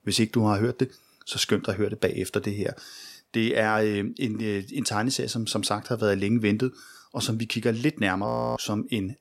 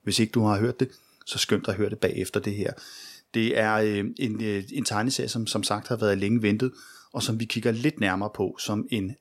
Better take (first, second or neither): second